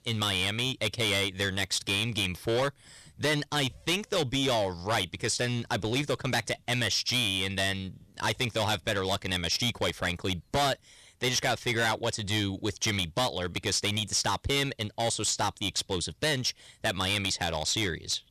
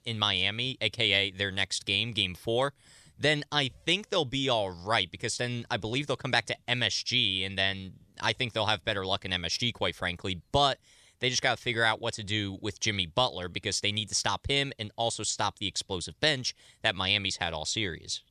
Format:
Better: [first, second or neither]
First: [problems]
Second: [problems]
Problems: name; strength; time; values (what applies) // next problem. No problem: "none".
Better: second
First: distortion; heavy; 11% of the sound clipped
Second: none